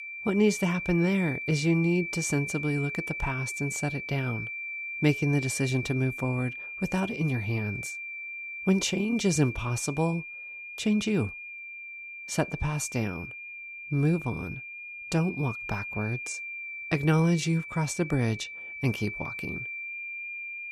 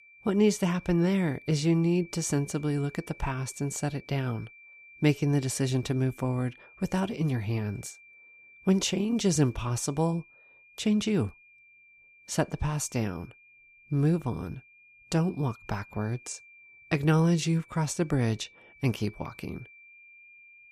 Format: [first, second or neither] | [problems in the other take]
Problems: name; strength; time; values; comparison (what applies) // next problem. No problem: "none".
second | high-pitched whine; loud; throughout; 2.5 kHz, 7 dB below the speech; faint in the second